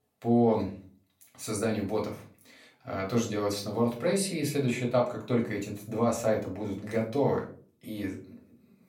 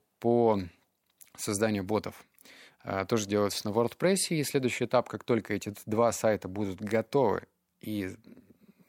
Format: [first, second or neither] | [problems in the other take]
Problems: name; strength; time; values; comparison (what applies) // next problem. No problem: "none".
second | off-mic speech; far // room echo; slight; dies away in 0.3 s